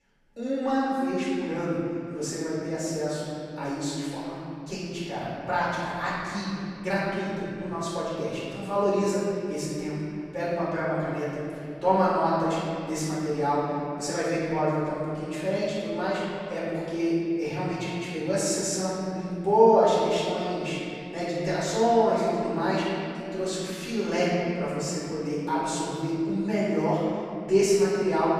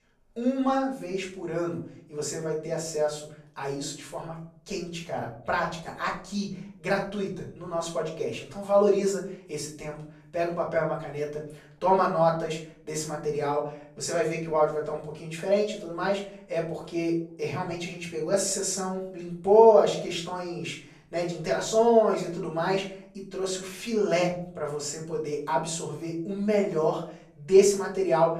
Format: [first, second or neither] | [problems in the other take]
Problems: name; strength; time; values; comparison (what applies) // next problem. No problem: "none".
second | room echo; strong; dies away in 3 s; slight in the second // off-mic speech; far; far in the second